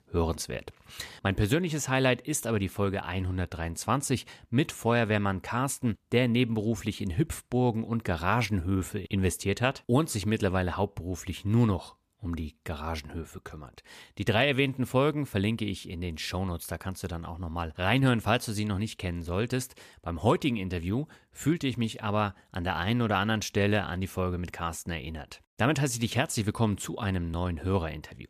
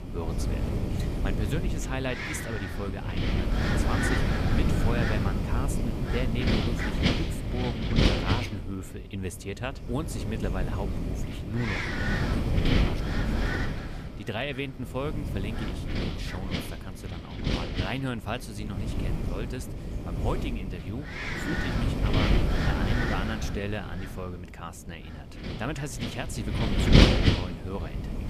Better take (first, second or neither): first